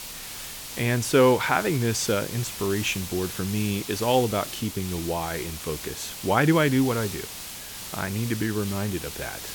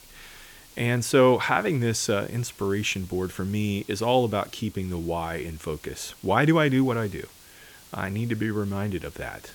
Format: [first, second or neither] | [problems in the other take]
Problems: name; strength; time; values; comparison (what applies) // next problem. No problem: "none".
second | hiss; loud; throughout; 9 dB below the speech; faint in the second